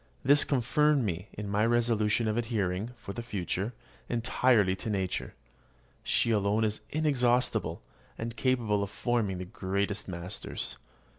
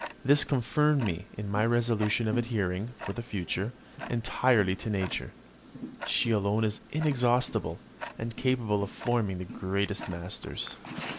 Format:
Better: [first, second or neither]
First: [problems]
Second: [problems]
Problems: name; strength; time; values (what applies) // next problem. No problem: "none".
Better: first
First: none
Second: background sound (Tick-tock); 14 dB below the speech